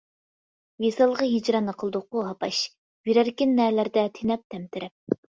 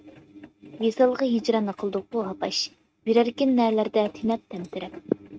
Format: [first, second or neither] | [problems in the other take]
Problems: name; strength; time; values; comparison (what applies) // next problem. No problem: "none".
first | noise reduction (neural mask model RNNoise)